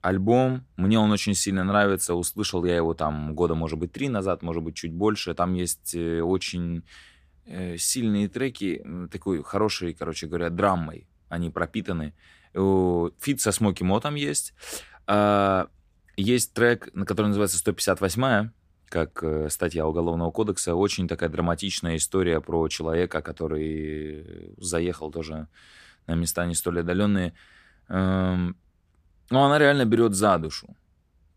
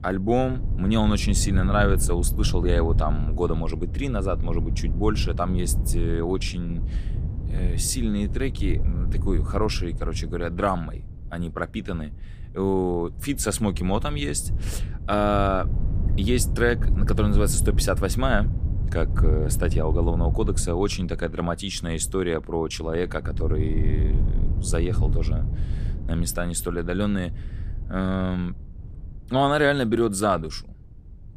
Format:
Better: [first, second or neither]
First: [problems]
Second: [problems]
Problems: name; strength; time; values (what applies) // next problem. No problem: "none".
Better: first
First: none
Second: wind noise on the microphone; occasional gusts; 15 dB below the speech